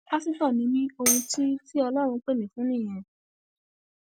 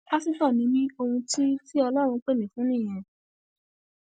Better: second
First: background sound (Tambourine); 3 dB below the speech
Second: none

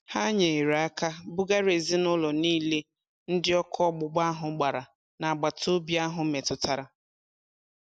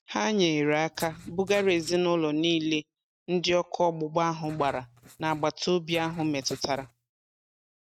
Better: first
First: none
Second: noise reduction (neural mask model RNNoise)

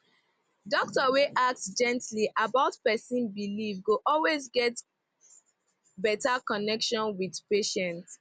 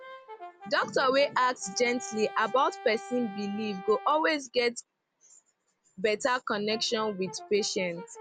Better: first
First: none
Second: background sound (Brass instrument); 16 dB below the speech

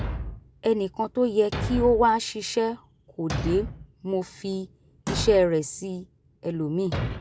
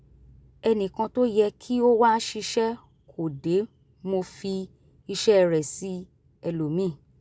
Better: second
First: background sound (Thump, thud); 9 dB below the speech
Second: none

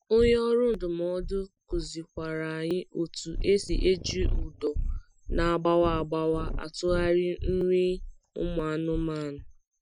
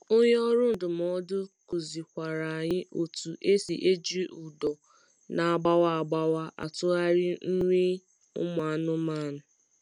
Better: second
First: noise reduction (classical method Wiener filter)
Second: none

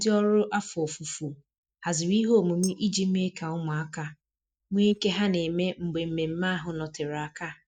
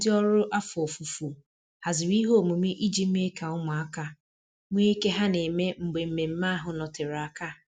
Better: second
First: noise reduction (neural mask model DeepFilterNet 3)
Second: none

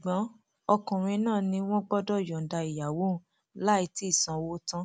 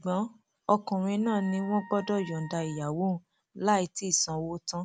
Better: first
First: none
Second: background sound (Wind instrument, woodwind instrument); 19 dB below the speech

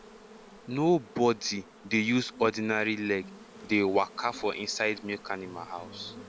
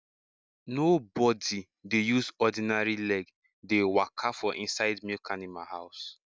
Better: second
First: background sound (Insect); 19 dB below the speech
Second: none

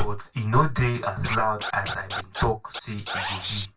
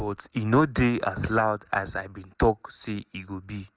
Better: second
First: background sound (Scratching (performance technique)); 8 dB below the speech // room echo; dies away in 0.2 s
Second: none

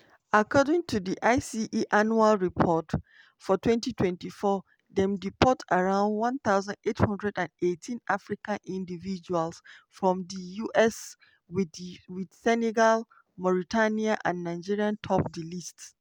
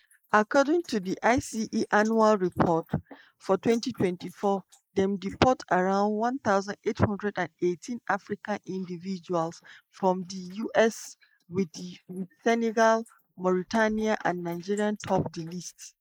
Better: first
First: none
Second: noise reduction (neural mask model Resemble Enhance denoiser)

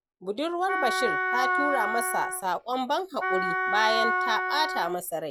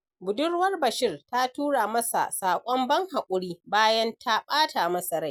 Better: second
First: background sound (Wind instrument, woodwind instrument); 1 dB above the speech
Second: none

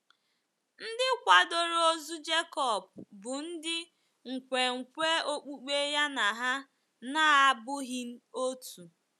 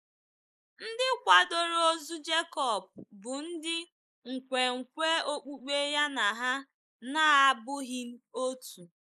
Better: first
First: none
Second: noise reduction (neural mask model Resemble Enhance denoiser)

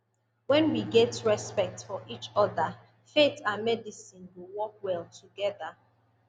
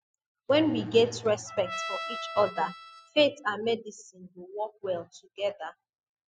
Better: first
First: none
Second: noise reduction (classical method spectral subtraction)

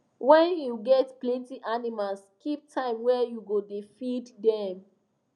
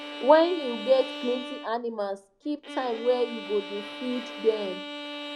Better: first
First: none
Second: background sound (Bowed string instrument); 11 dB below the speech

